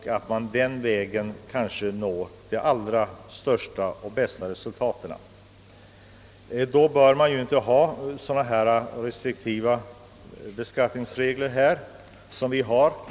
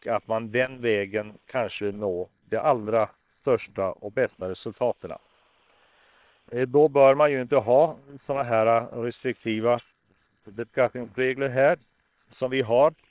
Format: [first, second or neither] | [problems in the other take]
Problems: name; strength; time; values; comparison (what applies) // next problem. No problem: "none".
first | noise reduction (neural separator model SepFormer WHAM!)